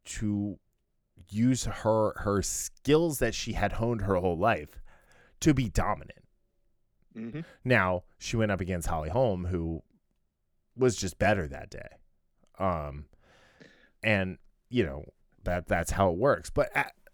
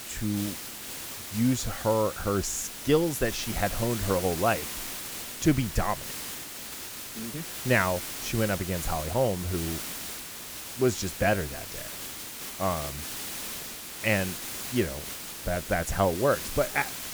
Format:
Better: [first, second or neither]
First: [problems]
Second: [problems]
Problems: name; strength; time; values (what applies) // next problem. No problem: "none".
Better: first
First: none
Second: hiss; loud; throughout; 7 dB below the speech